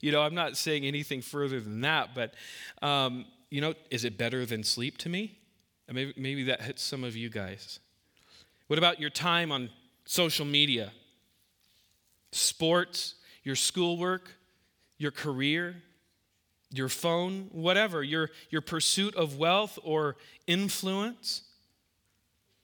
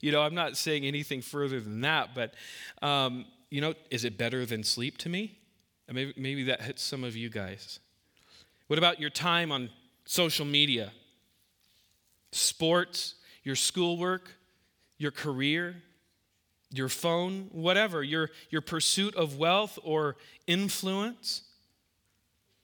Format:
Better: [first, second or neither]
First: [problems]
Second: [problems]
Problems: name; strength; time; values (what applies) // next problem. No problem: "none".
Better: neither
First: none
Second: none